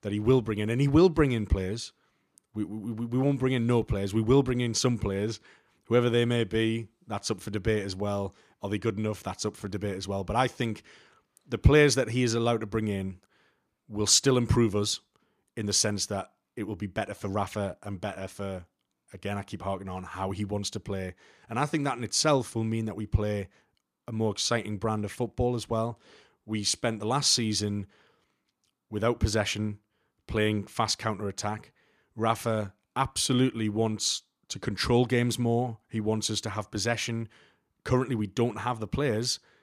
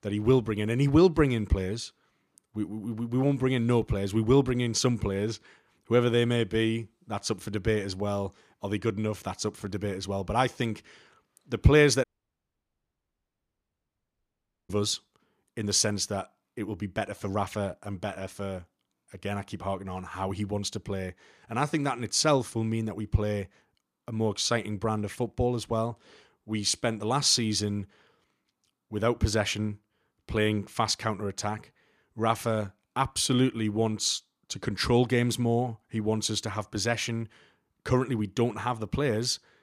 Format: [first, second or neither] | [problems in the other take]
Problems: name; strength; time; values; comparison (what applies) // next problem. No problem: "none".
first | audio cutting out; at 12 s for 2.5 s